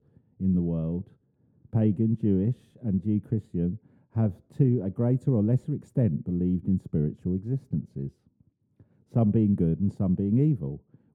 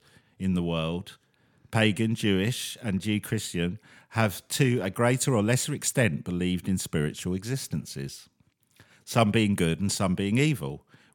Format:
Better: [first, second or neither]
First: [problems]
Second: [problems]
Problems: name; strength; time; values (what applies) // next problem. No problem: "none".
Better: second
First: muffled; very; fading above 1 kHz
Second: none